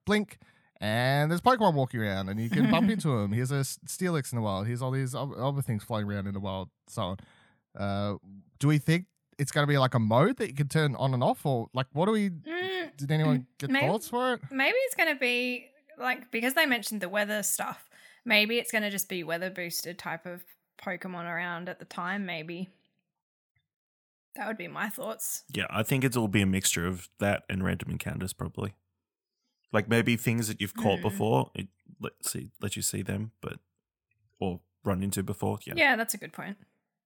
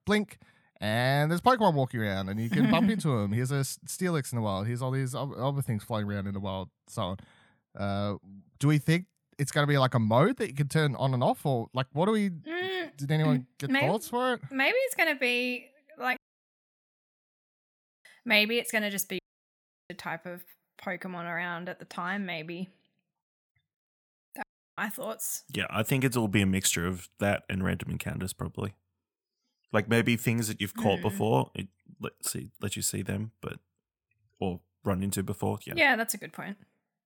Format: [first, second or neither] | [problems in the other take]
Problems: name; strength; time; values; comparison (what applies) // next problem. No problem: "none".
first | audio cutting out; at 16 s for 2 s, at 19 s for 0.5 s and at 24 s